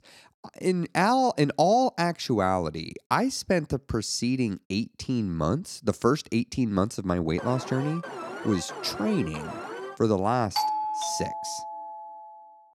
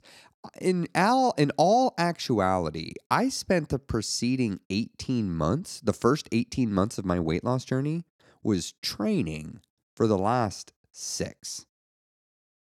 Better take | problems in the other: second | alarm; noticeable; from 7.5 to 10 s; peak 9 dB below the speech // doorbell; noticeable; from 11 to 12 s; peak level with the speech

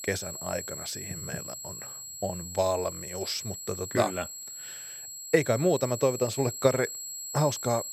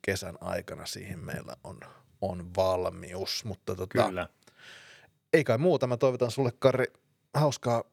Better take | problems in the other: second | high-pitched whine; loud; throughout; 7.5 kHz, 7 dB below the speech

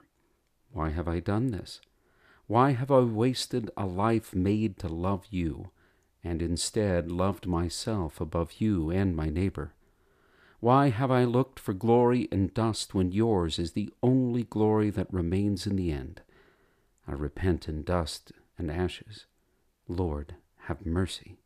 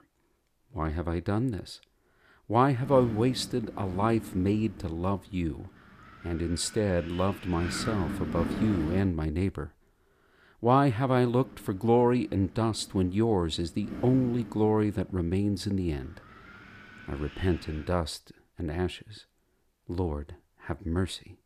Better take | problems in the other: first | wind noise on the microphone; occasional gusts; from 3 to 9 s and from 11 to 18 s; 10 dB below the speech

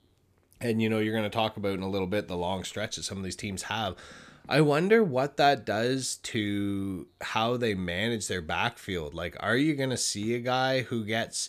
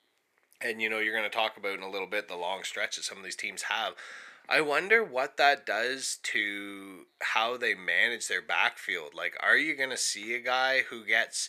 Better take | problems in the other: first | thin; very; fading below 550 Hz

